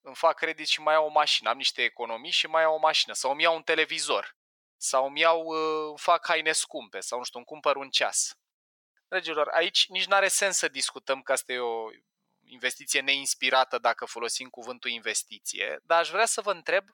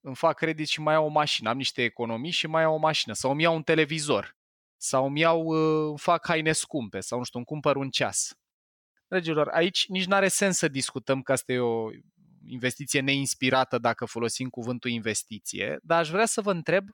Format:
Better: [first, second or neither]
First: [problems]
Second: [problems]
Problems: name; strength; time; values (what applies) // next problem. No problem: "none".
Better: second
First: thin; very; fading below 700 Hz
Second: none